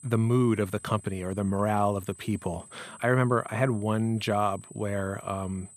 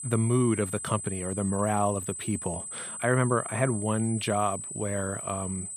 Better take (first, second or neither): first